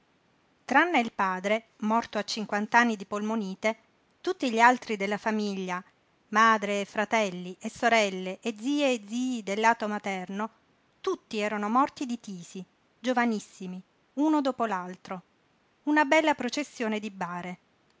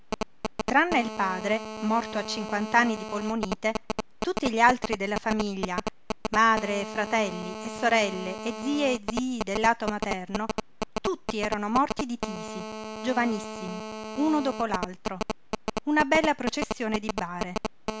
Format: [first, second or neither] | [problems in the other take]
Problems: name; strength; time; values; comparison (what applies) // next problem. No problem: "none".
first | background sound (Telephone); 6 dB below the speech